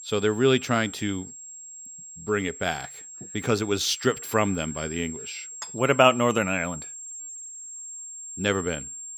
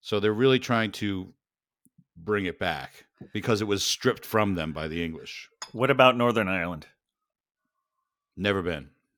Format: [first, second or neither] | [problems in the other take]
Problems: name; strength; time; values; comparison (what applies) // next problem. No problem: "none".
second | high-pitched whine; noticeable; throughout; 7.5 kHz, 10 dB below the speech